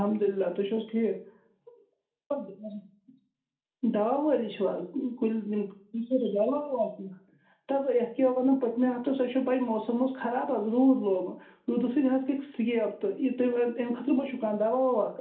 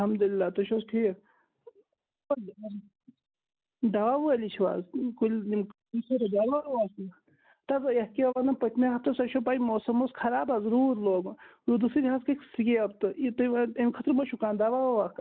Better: second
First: room echo; dies away in 0.4 s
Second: none

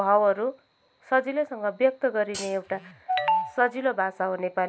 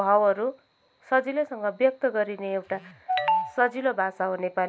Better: second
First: background sound (Hi-hat); 13 dB below the speech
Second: none

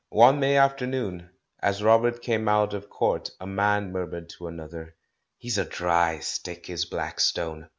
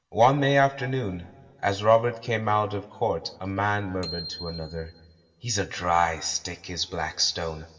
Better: first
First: none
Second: background sound (Bicycle bell); 17 dB below the speech // room echo; dies away in 2.2 s

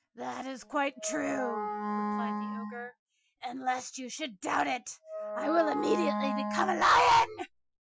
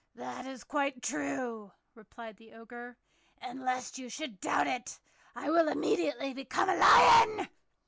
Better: second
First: noise reduction (classical method Wiener filter)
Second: none

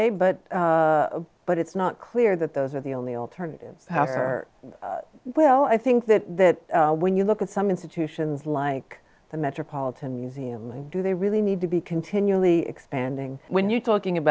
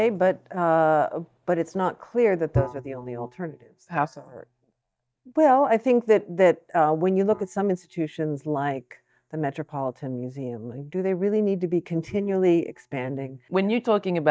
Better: first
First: none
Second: noise reduction (neural mask model DeepFilterNet 3)

